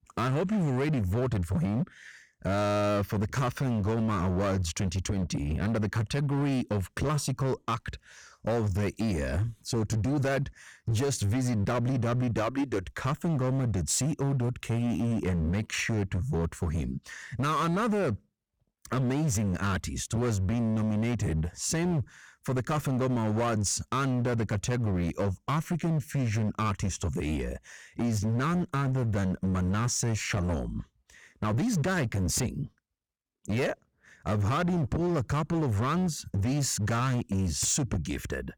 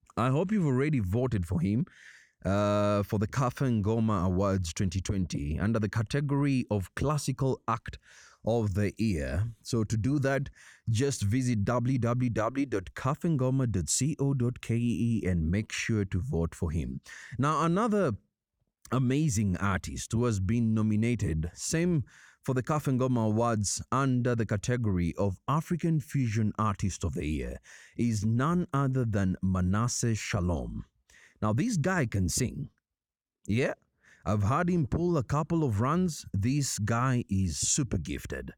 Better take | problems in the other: second | distortion; slight; 21% of the sound clipped

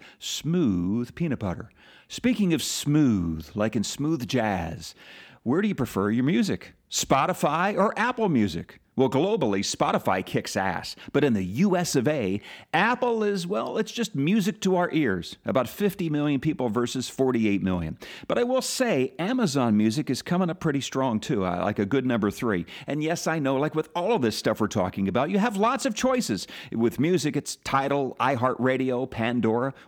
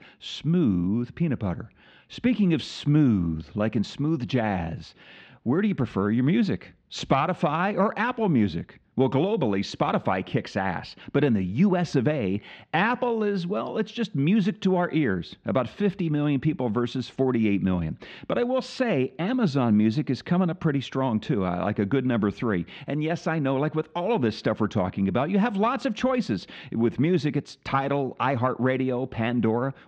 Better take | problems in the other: first | muffled; slightly; fading above 4 kHz

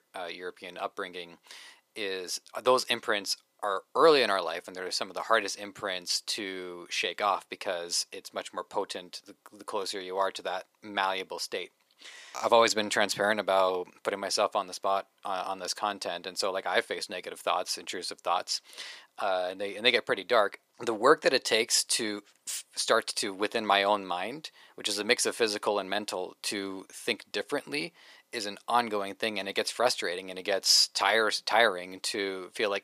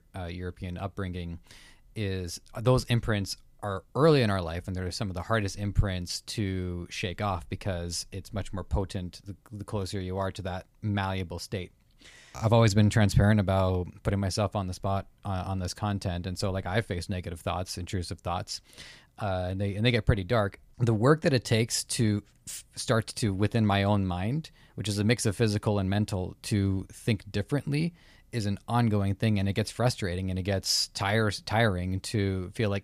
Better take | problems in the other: second | thin; very; fading below 400 Hz

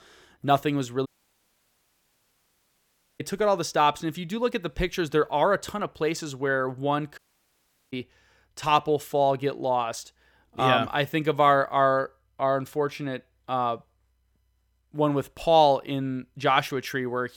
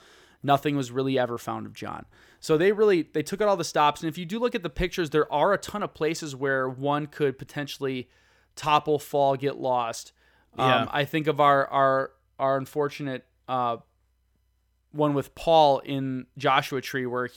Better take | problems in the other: second | audio cutting out; at 1 s for 2 s and at 7 s for 0.5 s

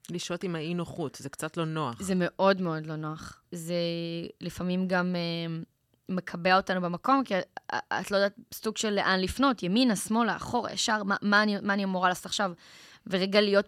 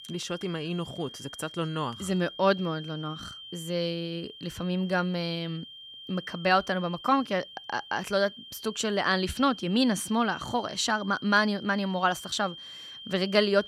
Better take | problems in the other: first | high-pitched whine; noticeable; throughout; 3 kHz, 15 dB below the speech

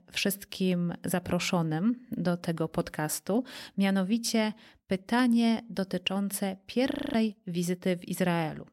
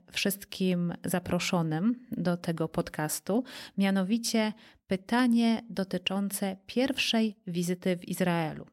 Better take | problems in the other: second | audio freezing; at 7 s

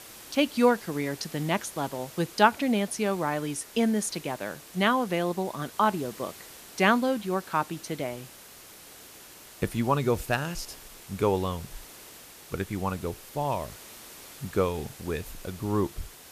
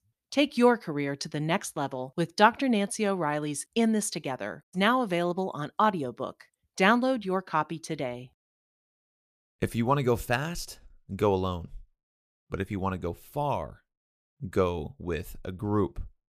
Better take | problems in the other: second | hiss; noticeable; throughout; 15 dB below the speech

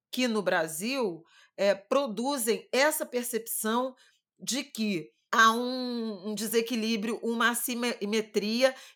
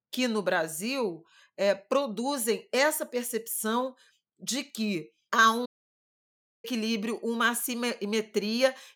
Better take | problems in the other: first | audio cutting out; at 5.5 s for 1 s

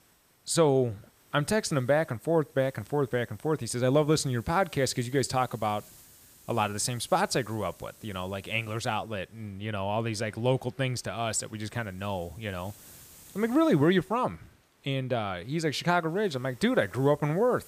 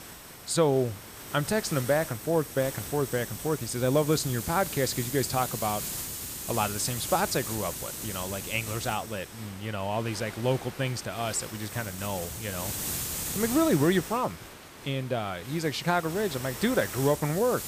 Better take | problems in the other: first | hiss; loud; throughout; 7 dB below the speech; faint in the first

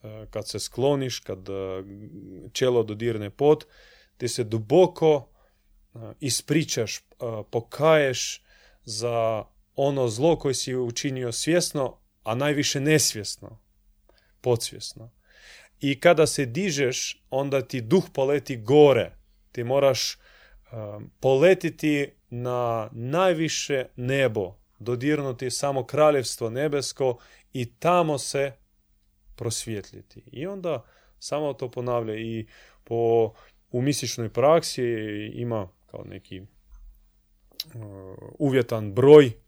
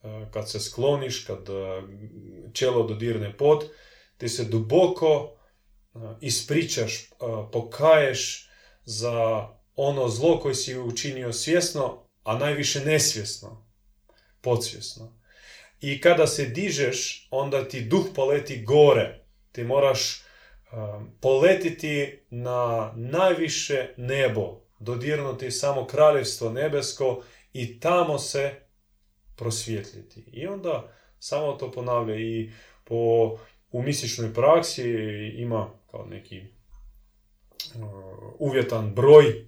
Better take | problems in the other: first | room echo; very slight; dies away in 0.3 s

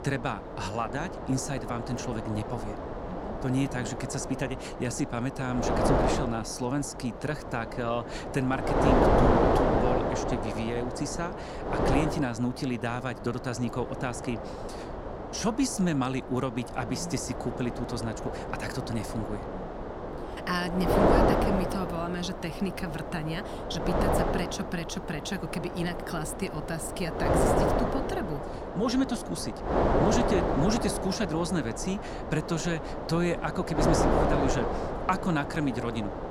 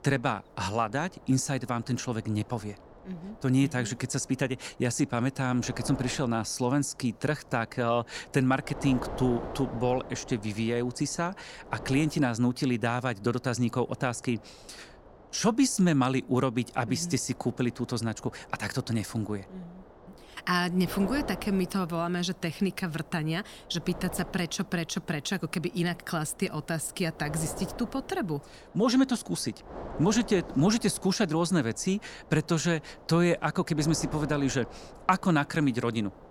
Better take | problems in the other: second | wind noise on the microphone; heavy; 3 dB above the speech; occasional gusts in the second

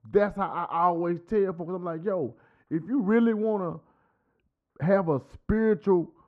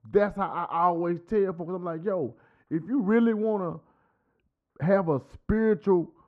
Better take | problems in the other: neither | muffled; very; fading above 2 kHz; the same in both

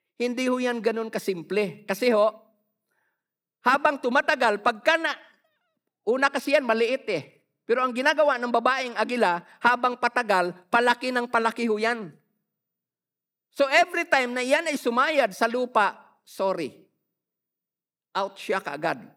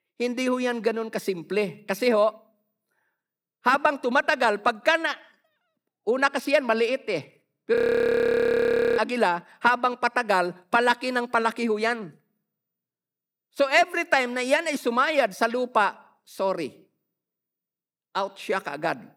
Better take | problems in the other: first | audio freezing; at 8 s for 1 s

